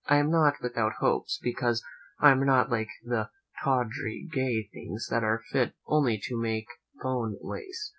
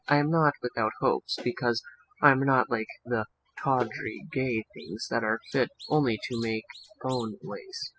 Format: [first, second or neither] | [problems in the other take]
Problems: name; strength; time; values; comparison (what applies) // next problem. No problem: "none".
first | noise reduction (classical method spectral subtraction)